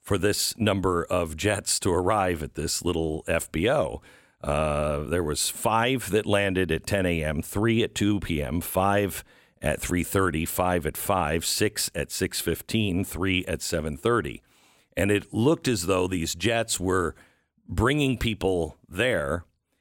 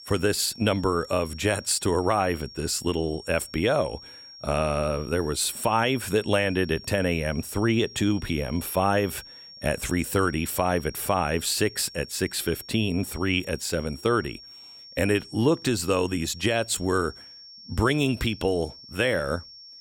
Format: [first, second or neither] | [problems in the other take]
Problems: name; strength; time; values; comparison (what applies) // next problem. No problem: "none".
first | high-pitched whine; noticeable; throughout; 5.5 kHz, 15 dB below the speech